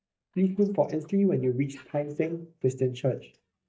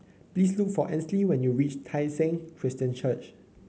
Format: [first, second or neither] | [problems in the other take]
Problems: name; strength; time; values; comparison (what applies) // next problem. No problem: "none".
second | noise reduction (neural mask model DeepFilterNet 3)